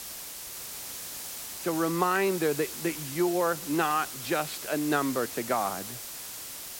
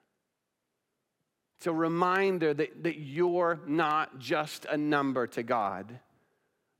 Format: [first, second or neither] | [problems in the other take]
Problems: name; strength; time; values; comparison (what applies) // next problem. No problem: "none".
second | hiss; loud; throughout; 8 dB below the speech